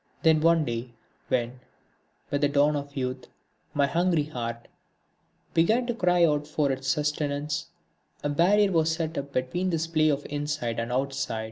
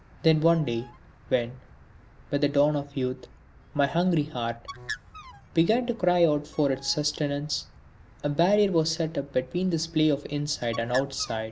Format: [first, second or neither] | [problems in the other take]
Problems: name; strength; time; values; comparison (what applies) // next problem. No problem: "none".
first | background sound (Bird); 19 dB below the speech